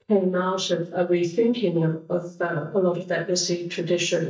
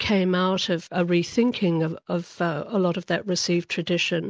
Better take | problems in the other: second | noise reduction (neural mask model DeepFilterNet 3)

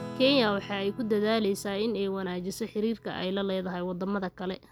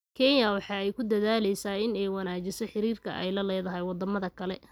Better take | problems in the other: second | background sound (Acoustic guitar / Strum); 17 dB below the speech

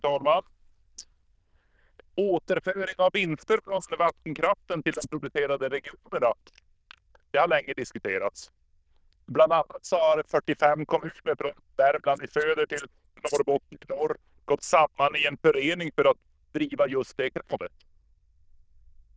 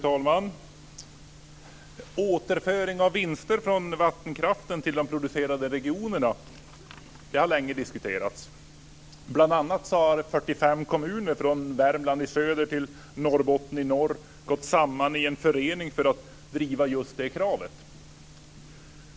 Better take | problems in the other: second | noise reduction (neural diffusion model UNIVERSE++)

